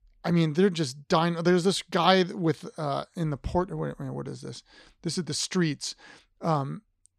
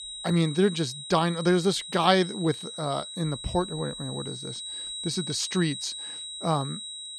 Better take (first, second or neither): first